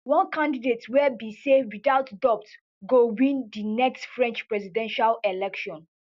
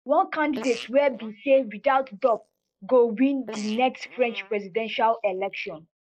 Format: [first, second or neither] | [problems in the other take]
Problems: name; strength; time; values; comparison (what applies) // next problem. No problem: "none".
first | noise reduction (neural mask model Resemble Enhance denoiser)